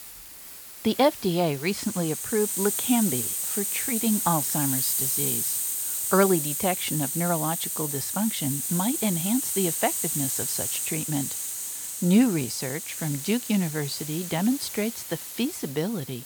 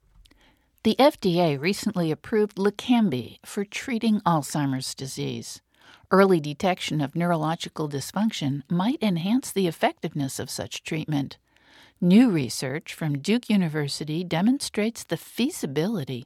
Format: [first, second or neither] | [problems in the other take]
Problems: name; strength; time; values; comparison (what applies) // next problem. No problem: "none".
second | hiss; loud; throughout; as loud as the speech